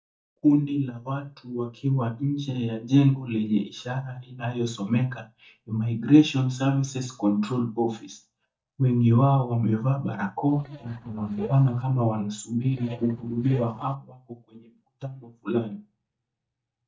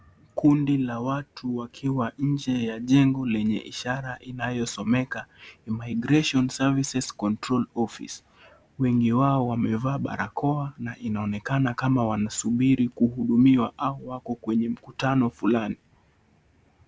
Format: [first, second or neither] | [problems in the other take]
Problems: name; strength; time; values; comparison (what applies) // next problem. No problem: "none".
second | noise reduction (neural mask model DeepFilterNet 3)